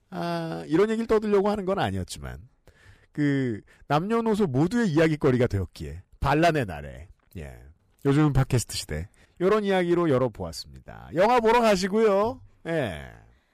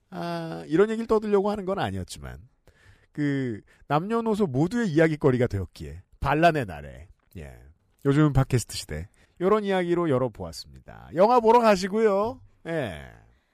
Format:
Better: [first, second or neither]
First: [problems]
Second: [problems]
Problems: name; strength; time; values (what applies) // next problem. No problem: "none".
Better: second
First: distortion; slight; 4% of the sound clipped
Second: none